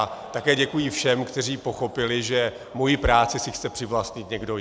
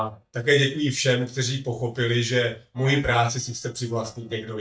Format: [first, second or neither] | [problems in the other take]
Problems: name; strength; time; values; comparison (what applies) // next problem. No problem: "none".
first | noise reduction (neural mask model DeepFilterNet 3)